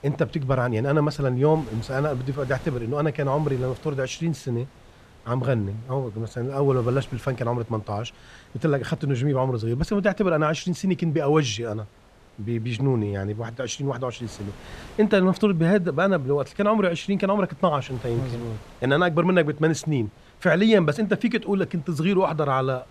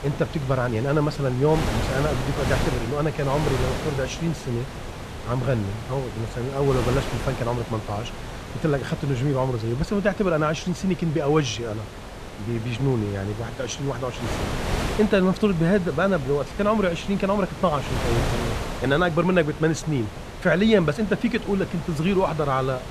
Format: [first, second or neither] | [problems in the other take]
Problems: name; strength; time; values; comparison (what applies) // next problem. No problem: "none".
first | wind noise on the microphone; heavy; 8 dB below the speech; occasional gusts in the first